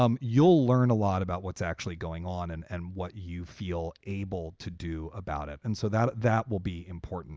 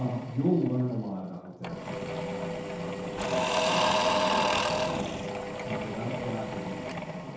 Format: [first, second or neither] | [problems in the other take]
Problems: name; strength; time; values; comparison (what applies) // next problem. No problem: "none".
first | background sound (Engine / Drill / Mechanisms); 3 dB above the speech // room echo; dies away in 0.8 s